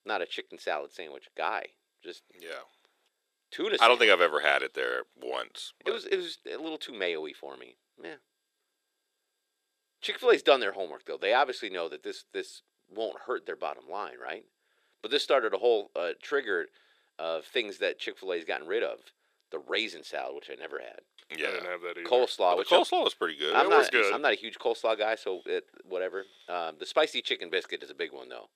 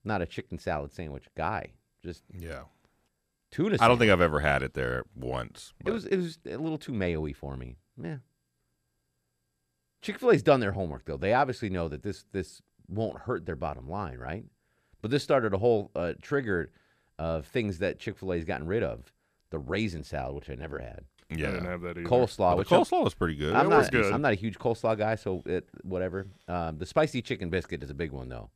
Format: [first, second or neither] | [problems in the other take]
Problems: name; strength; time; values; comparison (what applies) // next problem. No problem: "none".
second | thin; very; fading below 400 Hz